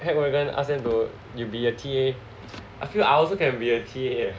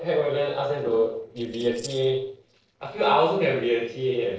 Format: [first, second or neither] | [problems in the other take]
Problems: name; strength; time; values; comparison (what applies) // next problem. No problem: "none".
first | noise reduction (neural separator model SepFormer DNS4)